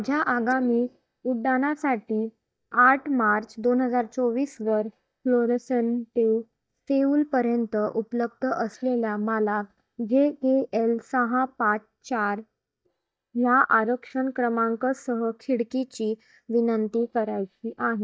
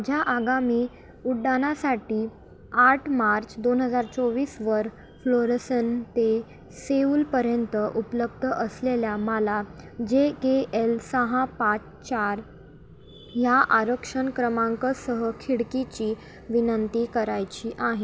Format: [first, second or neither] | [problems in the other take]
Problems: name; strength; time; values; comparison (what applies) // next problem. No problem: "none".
second | noise reduction (neural mask model DeepFilterNet 3)